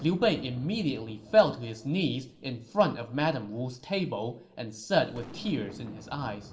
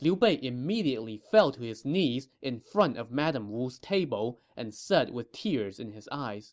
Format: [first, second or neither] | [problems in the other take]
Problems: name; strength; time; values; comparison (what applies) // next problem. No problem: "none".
second | background sound (Boom); 20 dB below the speech // room echo; dies away in 0.7 s